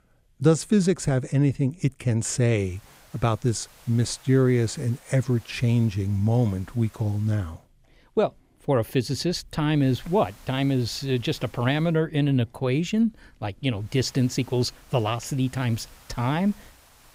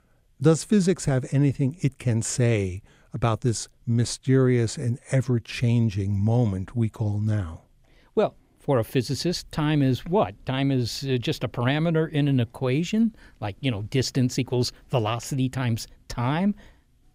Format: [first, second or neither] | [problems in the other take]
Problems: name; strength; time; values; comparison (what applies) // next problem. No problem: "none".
second | hiss; faint; from 2.5 to 7.5 s, from 10 to 12 s and from 14 s on; 25 dB below the speech